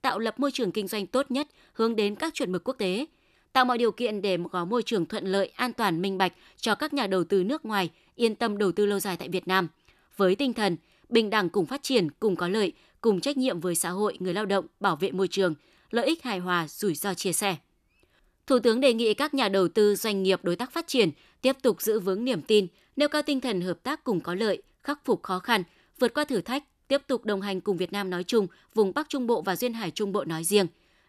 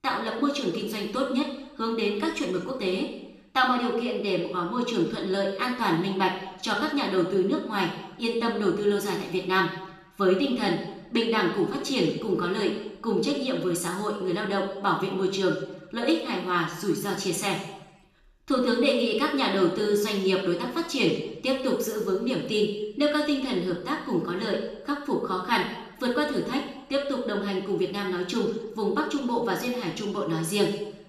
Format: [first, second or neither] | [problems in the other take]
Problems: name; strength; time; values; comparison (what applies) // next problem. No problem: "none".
first | room echo; noticeable; dies away in 0.8 s // off-mic speech; far